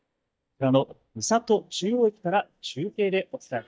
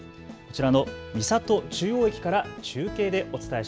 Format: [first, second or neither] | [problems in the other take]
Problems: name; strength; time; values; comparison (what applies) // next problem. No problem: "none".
second | noise reduction (neural mask model DeepFilterNet 3)